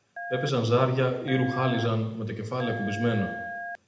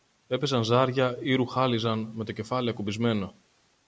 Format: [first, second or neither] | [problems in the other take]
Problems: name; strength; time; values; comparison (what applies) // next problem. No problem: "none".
second | background sound (Telephone); 11 dB below the speech // room echo; dies away in 0.8 s